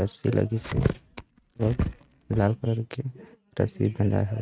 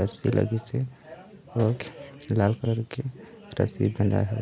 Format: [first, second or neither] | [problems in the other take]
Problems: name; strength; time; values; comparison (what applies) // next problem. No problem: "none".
second | noise reduction (neural mask model RNNoise)